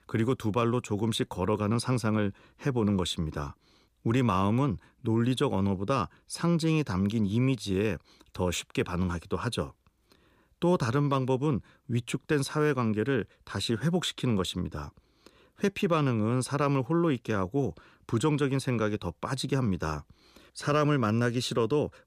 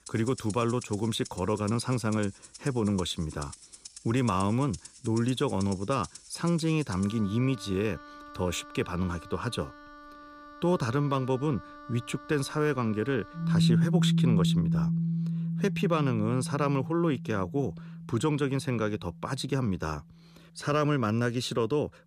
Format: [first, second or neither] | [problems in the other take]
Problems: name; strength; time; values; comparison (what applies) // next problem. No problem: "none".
first | background music; loud; throughout; 1 dB below the speech